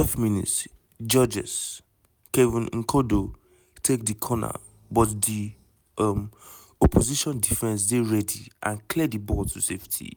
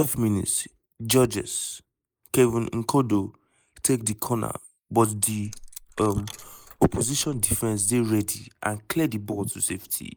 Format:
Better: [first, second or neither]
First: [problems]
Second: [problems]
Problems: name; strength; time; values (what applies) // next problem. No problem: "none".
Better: first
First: none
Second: noise reduction (neural mask model Resemble Enhance denoiser)